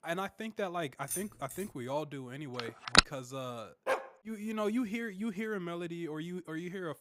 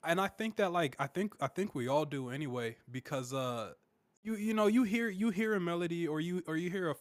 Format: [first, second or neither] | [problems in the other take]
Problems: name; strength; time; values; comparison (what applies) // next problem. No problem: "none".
second | jangling keys; noticeable; at 1 s; peak level with the speech // phone ringing; loud; at 2.5 s; peak 15 dB above the speech // dog barking; loud; at 4 s; peak 3 dB above the speech